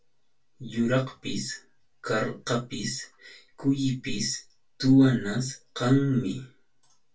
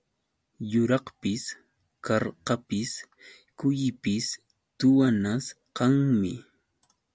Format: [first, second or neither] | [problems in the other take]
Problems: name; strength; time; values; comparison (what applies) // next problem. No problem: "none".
second | room echo; dies away in 0.2 s